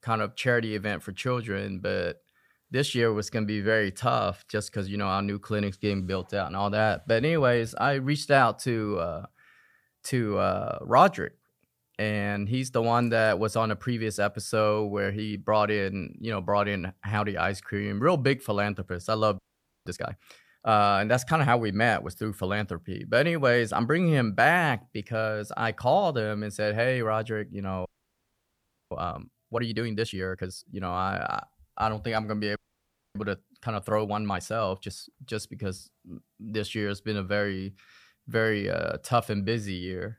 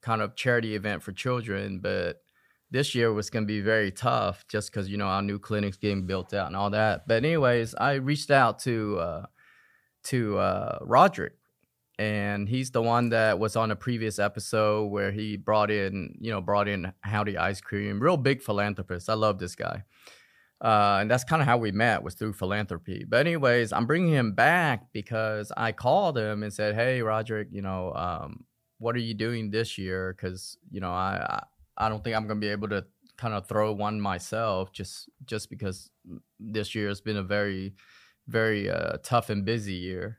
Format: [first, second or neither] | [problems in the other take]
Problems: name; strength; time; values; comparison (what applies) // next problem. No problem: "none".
second | audio freezing; at 19 s, at 28 s for 1 s and at 33 s for 0.5 s